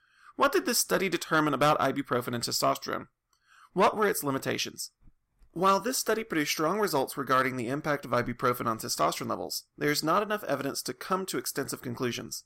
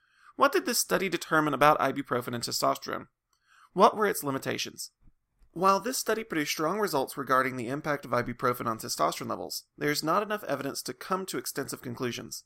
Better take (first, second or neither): second